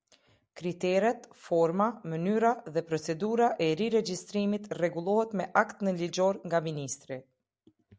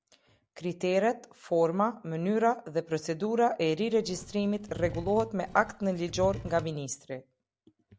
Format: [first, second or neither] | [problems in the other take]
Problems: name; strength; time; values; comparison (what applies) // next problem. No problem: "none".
first | background sound (Wood / Tools); 12 dB below the speech